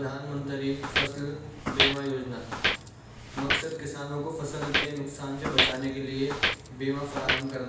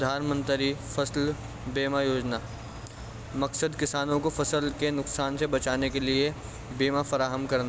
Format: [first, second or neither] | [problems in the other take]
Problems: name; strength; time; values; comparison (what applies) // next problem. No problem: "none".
second | background sound (Walk, footsteps); 2 dB above the speech // room echo; dies away in 0.8 s